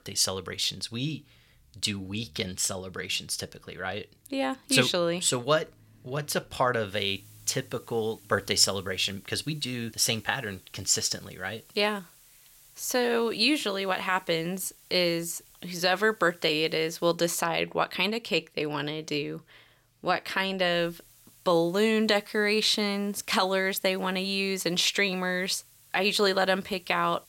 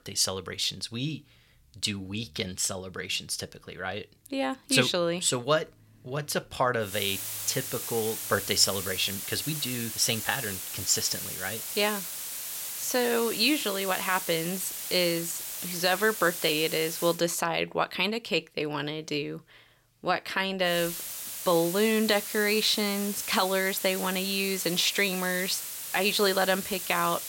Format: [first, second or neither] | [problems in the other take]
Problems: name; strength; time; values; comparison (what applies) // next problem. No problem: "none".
first | hiss; loud; from 7 to 17 s and from 21 s on; 6 dB below the speech; faint in the first